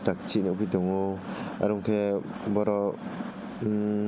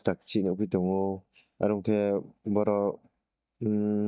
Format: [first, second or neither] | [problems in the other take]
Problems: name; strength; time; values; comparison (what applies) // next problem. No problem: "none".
first | noise reduction (neural mask model DeepFilterNet 3)